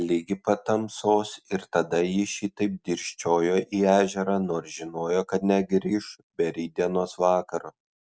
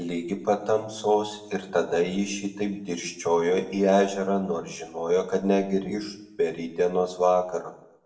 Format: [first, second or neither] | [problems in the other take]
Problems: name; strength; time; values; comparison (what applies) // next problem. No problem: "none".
first | room echo; dies away in 0.7 s